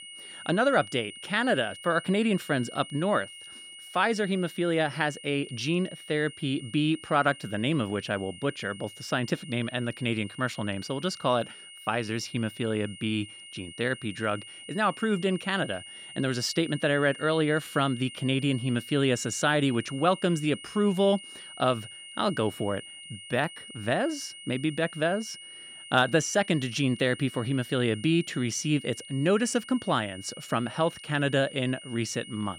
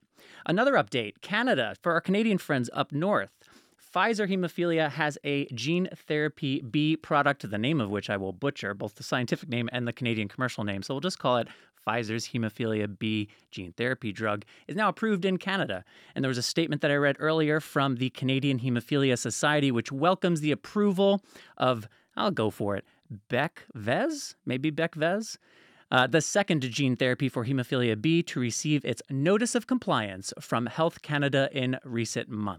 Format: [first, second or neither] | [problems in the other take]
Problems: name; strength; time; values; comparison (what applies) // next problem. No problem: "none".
second | high-pitched whine; noticeable; throughout; 3 kHz, 15 dB below the speech